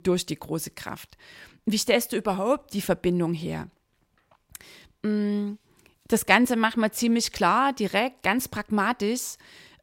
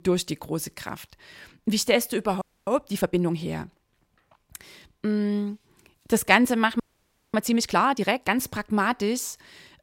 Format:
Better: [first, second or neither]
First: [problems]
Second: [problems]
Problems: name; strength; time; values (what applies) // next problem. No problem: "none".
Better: first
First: none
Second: audio freezing; at 2.5 s and at 7 s for 0.5 s